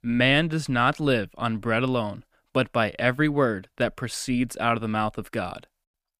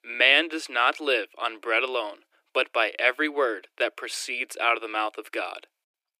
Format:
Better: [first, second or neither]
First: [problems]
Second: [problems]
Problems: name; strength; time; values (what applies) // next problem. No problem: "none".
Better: first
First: none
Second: thin; very; fading below 300 Hz